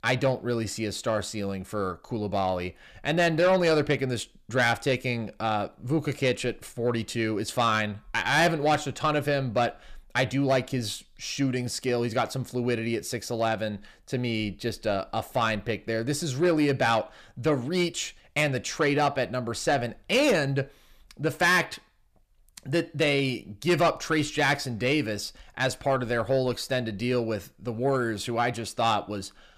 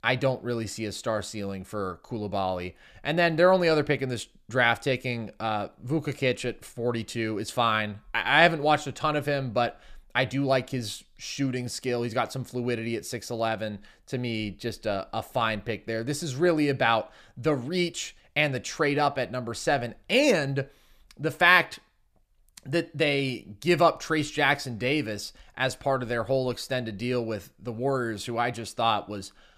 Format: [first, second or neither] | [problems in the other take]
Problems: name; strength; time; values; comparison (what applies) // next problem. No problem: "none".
second | distortion; slight; 10 dB below the speech